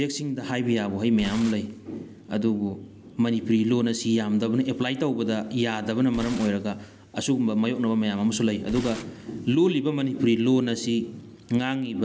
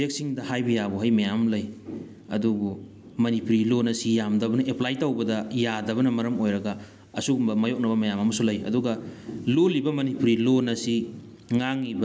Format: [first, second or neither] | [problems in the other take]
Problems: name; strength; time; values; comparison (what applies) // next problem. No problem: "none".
second | background sound (Tearing); 18 dB below the speech